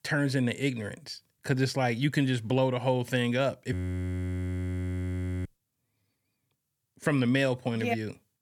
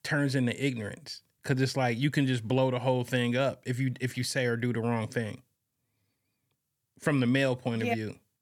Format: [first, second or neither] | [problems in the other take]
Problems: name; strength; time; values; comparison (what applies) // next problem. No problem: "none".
second | audio freezing; at 3.5 s for 1.5 s